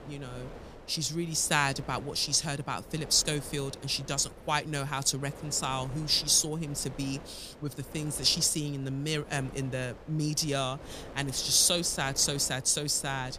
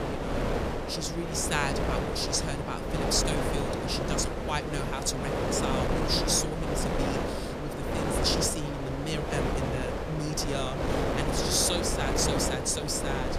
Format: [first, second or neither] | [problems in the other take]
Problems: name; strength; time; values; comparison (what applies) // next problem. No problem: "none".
first | wind noise on the microphone; heavy; as loud as the speech; occasional gusts in the first